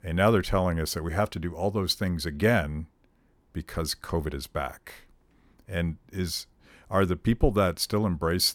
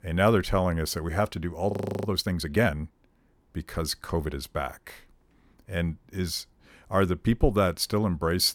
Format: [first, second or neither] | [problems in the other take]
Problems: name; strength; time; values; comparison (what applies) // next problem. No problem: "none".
first | audio freezing; at 1.5 s